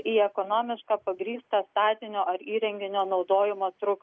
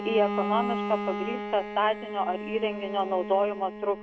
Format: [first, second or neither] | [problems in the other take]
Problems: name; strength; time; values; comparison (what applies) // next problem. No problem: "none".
first | background sound (Bowed string instrument); 5 dB below the speech